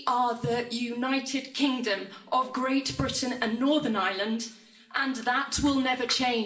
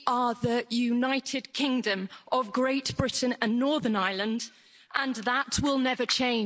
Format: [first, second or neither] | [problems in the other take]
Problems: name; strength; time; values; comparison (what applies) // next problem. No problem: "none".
second | room echo; dies away in 0.5 s